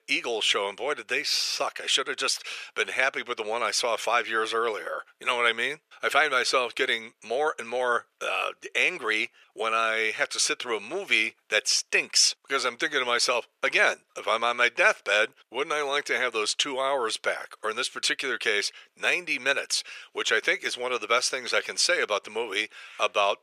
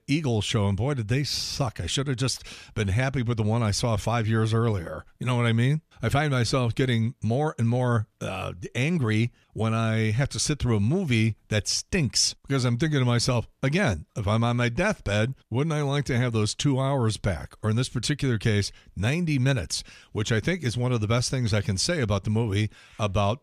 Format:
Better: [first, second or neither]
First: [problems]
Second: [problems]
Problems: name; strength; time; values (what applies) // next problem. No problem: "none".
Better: second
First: thin; very; fading below 450 Hz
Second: none